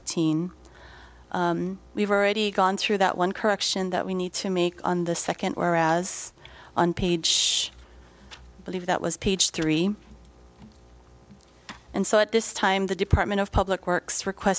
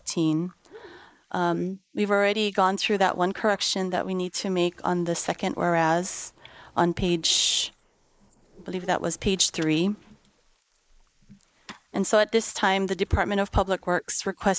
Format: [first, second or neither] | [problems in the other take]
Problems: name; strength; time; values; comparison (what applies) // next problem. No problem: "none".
first | noise reduction (neural mask model Resemble Enhance denoiser)